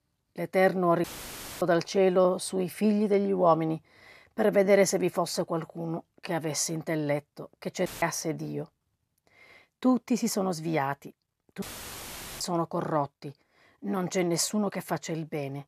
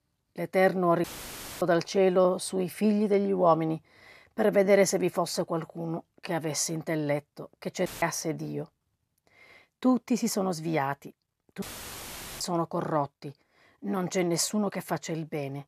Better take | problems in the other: neither | audio cutting out; filled with static; at 1 s for 0.5 s, at 8 s and at 12 s for 1 s; the same in both

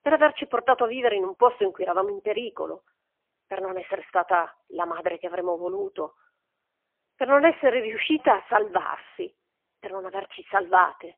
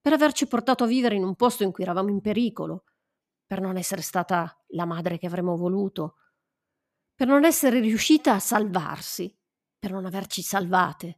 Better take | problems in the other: second | phone-call audio; poor line; nothing above 3.5 kHz

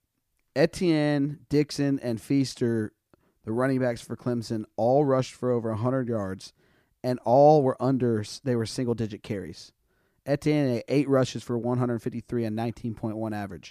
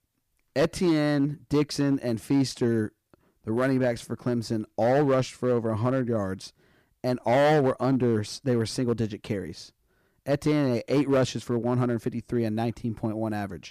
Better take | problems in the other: first | distortion; slight; 5% of the sound clipped

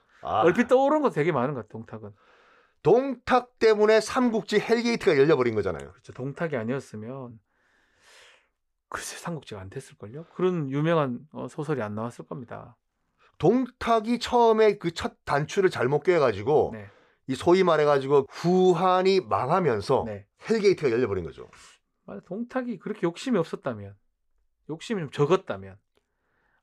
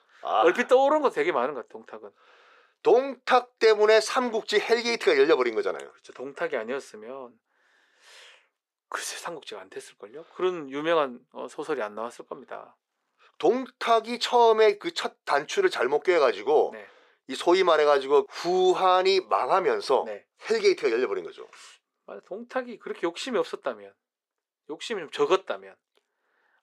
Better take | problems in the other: first | thin; somewhat; fading below 350 Hz

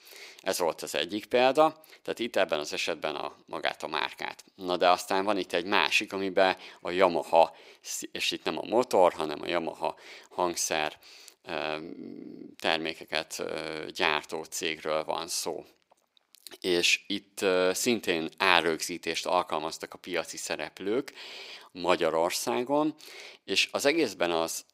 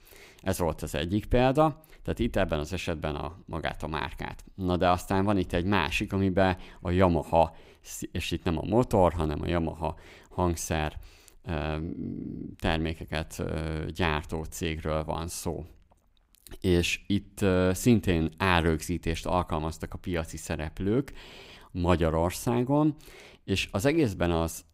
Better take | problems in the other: second | thin; somewhat; fading below 450 Hz

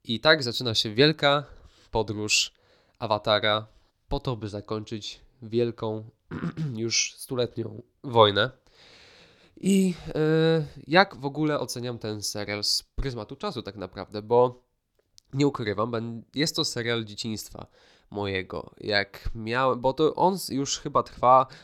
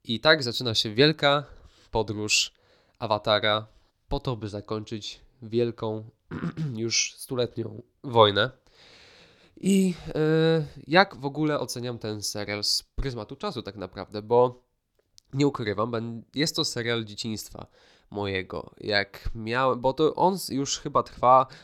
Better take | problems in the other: neither | none

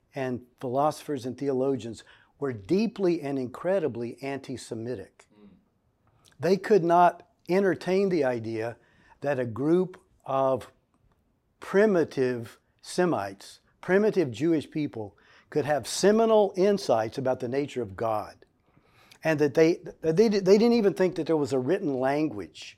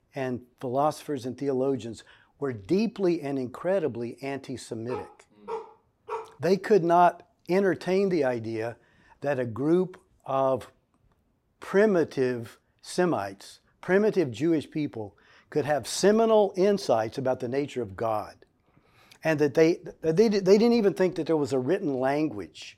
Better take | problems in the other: first | dog barking; faint; from 5 to 6.5 s; peak 10 dB below the speech

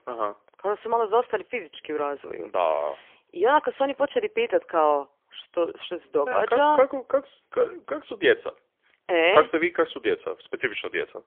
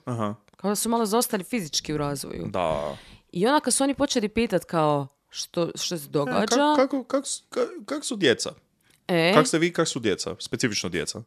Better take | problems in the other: second | phone-call audio; poor line; nothing above 3.5 kHz

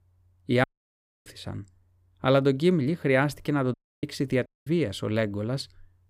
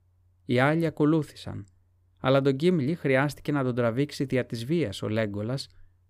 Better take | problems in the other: second | audio cutting out; at 0.5 s for 0.5 s, at 3.5 s and at 4.5 s

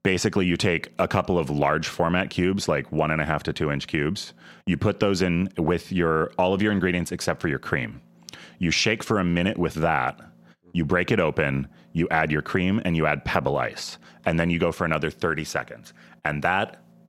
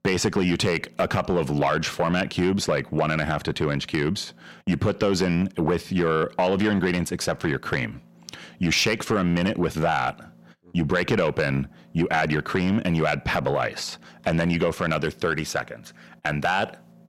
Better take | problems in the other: first | distortion; slight; 10 dB below the speech

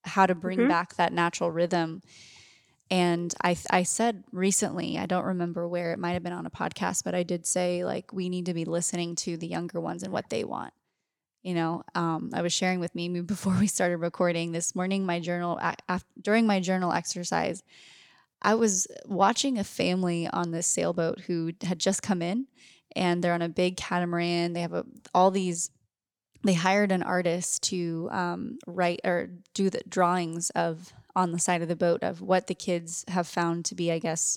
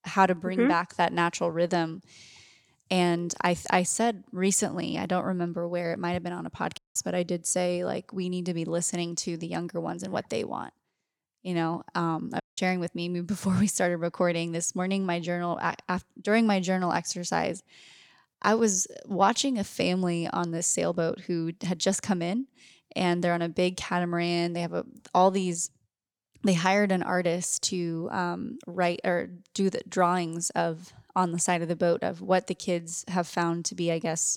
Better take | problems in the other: first | audio cutting out; at 7 s and at 12 s

